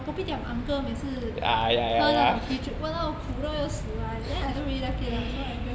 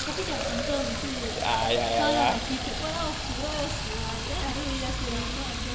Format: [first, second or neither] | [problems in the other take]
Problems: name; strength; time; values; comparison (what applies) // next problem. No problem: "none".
first | background sound (Fill (with liquid)); 4 dB below the speech